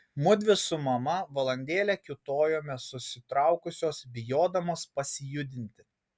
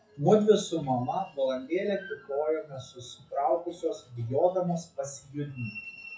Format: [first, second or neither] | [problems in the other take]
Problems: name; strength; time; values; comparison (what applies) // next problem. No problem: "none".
first | noise reduction (classical method WPE with log-MMSE)